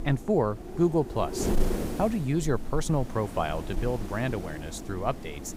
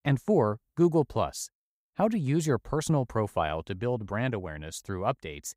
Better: second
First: wind noise on the microphone; heavy; 9 dB below the speech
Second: none

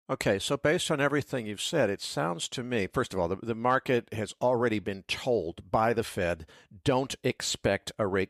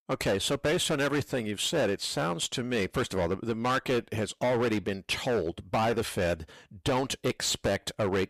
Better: first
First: none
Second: distortion; heavy; 15% of the sound clipped

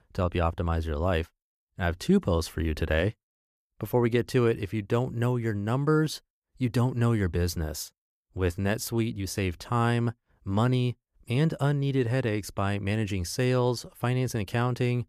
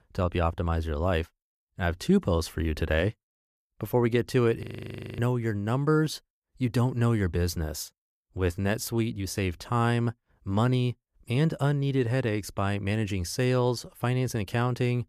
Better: first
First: none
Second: audio freezing; at 4.5 s for 0.5 s

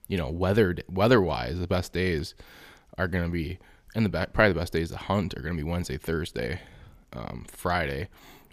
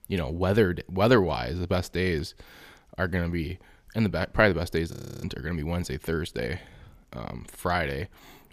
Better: first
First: none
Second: audio freezing; at 5 s

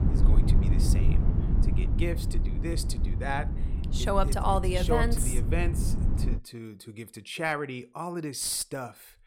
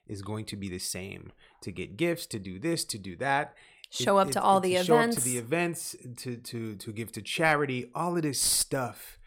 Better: second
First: low rumble; noticeable; until 6.5 s; 10 dB below the speech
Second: none

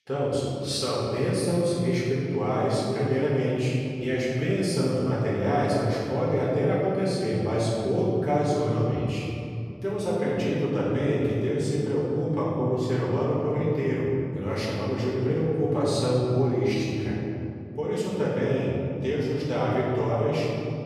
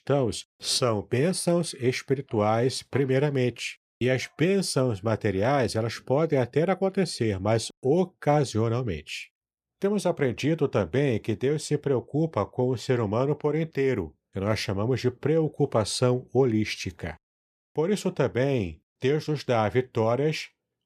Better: second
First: off-mic speech; far // room echo; strong; dies away in 3 s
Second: none

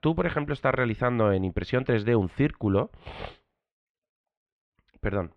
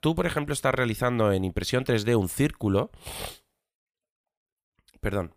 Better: second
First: muffled; very; fading above 2.5 kHz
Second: none

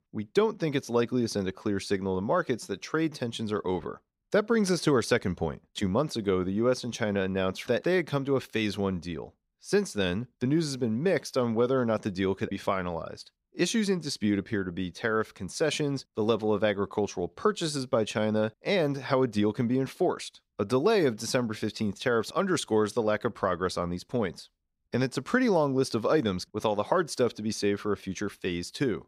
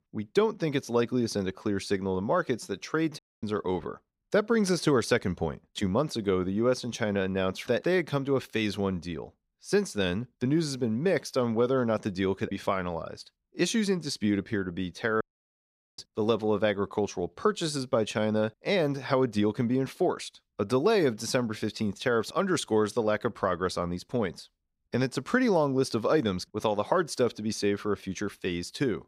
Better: first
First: none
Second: audio cutting out; at 3 s and at 15 s for 1 s

